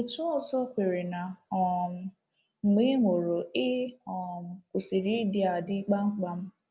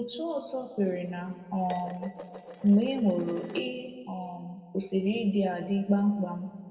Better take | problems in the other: first | background sound (Dishes, pots, and pans); 16 dB below the speech // room echo; dies away in 1.6 s

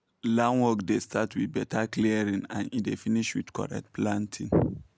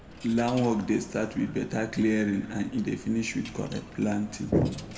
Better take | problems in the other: first | background sound (Coin (dropping)); 19 dB below the speech // room echo; dies away in 1.4 s

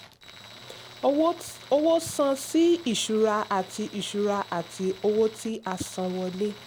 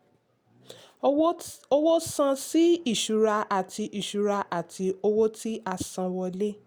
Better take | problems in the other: second | background sound (Tools); 20 dB below the speech

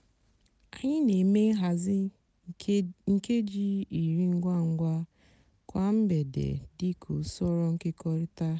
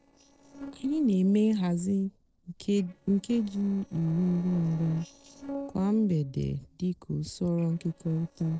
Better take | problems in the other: first | noise reduction (neural separator model SepFormer DNS4)

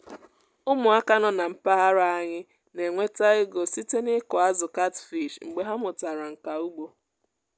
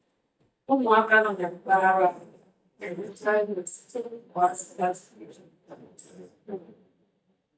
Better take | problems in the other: first | noise reduction (neural mask model DeepFilterNet 3)

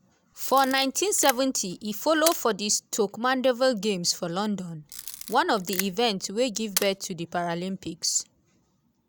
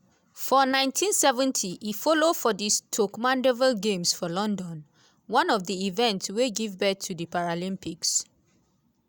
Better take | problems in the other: second | background sound (Camera); 10 dB below the speech

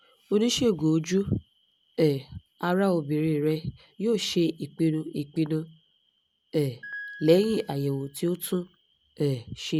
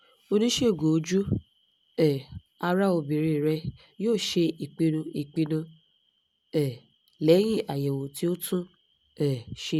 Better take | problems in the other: second | background sound (Piano); 17 dB below the speech

